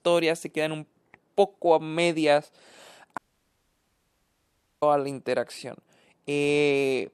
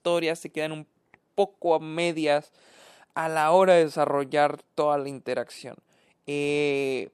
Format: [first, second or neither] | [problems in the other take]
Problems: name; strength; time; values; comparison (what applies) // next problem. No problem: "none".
second | audio cutting out; at 3 s for 1.5 s